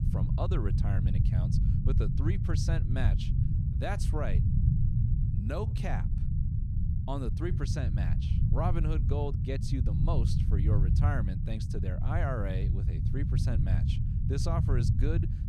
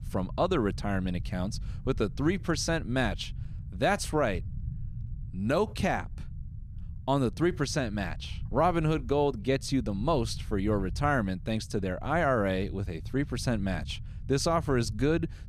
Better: second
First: low rumble; loud; throughout; 3 dB below the speech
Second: low rumble; faint; throughout; 25 dB below the speech

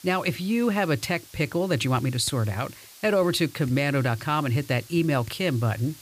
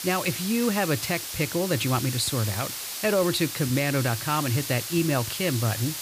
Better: first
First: hiss; faint; throughout; 20 dB below the speech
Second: hiss; loud; throughout; 5 dB below the speech

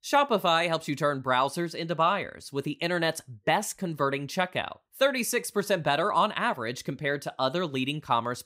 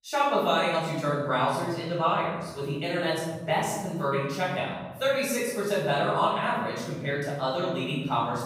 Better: first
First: none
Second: off-mic speech; far // room echo; noticeable; dies away in 1.4 s

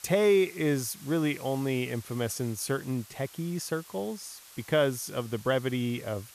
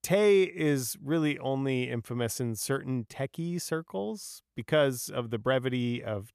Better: second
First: hiss; noticeable; throughout; 20 dB below the speech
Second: none

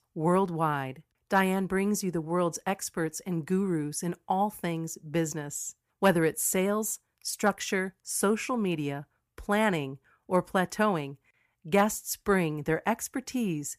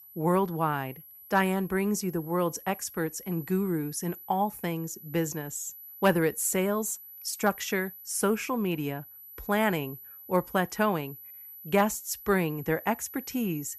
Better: first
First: none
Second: high-pitched whine; noticeable; throughout; 12 kHz, 15 dB below the speech

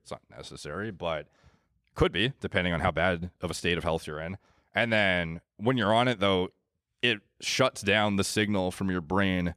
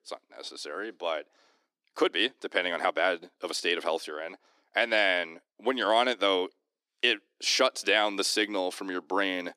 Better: first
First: none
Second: thin; somewhat; fading below 300 Hz

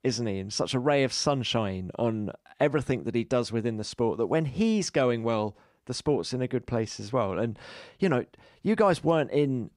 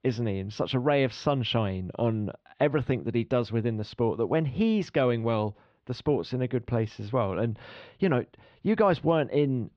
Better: first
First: none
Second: muffled; slightly; fading above 3.5 kHz

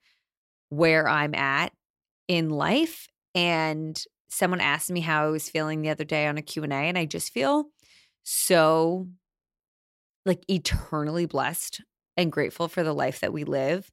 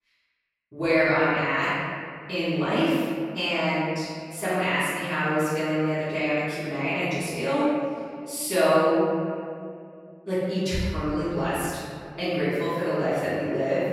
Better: first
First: none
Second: off-mic speech; far // room echo; strong; dies away in 2.2 s

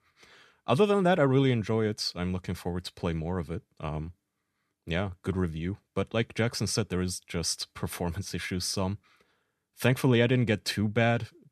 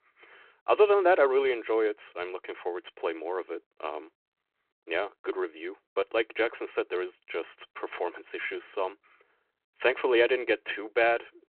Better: first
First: none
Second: phone-call audio

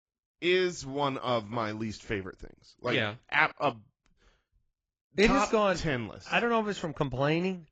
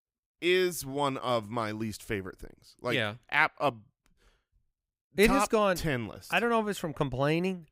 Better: second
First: garbled, watery; badly; nothing above 7.5 kHz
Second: none

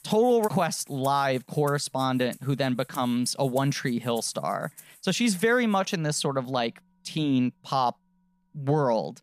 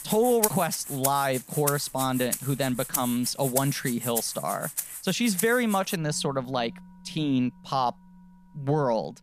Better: first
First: background music; faint; throughout; 20 dB below the speech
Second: background music; loud; throughout; 5 dB below the speech

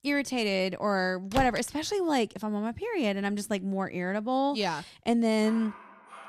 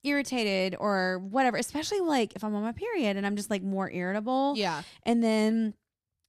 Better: second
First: door banging; noticeable; at 1.5 s; peak 7 dB below the speech // dog barking; faint; at 5.5 s; peak 15 dB below the speech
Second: none

